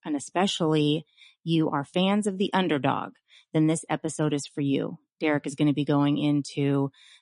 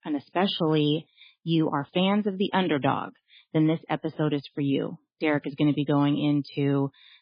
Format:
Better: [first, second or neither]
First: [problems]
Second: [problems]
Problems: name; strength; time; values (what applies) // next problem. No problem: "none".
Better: first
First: garbled, watery; slightly; nothing above 10.5 kHz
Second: garbled, watery; badly